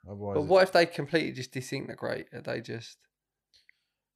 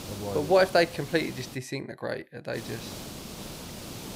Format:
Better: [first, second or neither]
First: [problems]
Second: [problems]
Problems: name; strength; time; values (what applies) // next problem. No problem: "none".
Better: first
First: none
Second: hiss; noticeable; until 1.5 s and from 2.5 s on; 15 dB below the speech